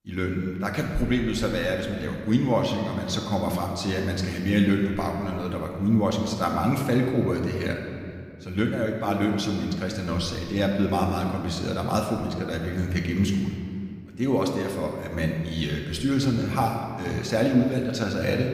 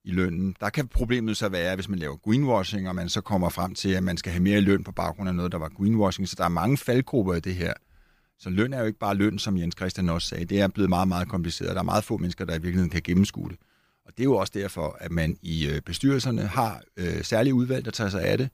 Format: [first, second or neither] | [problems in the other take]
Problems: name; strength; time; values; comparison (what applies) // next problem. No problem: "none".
second | room echo; slight; dies away in 1.8 s // off-mic speech; somewhat distant